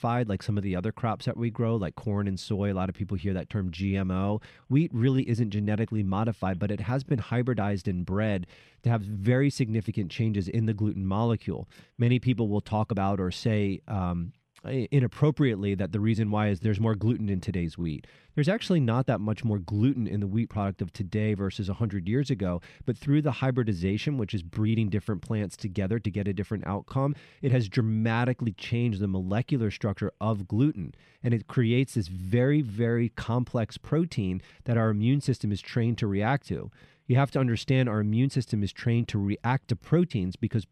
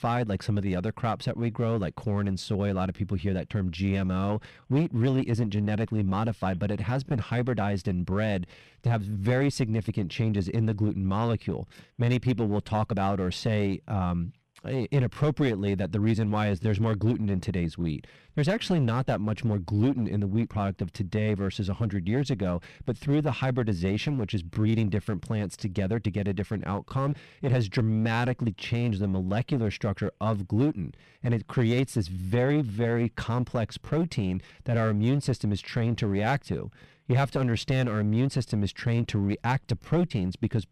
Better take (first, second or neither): first